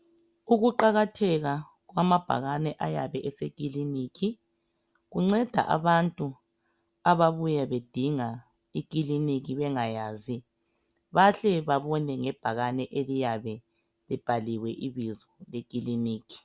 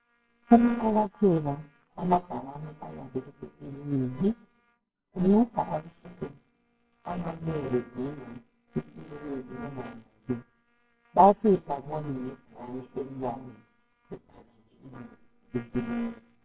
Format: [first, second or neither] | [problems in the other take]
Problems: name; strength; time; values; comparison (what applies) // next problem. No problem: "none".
first | noise reduction (neural separator model SepFormer WHAMR!)